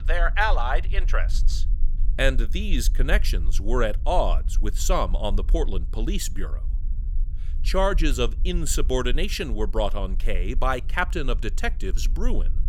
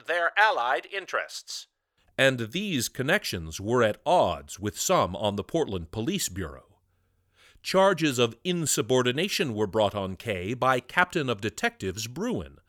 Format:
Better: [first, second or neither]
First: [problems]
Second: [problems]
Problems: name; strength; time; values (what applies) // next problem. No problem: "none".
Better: second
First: low rumble; faint; throughout; 25 dB below the speech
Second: none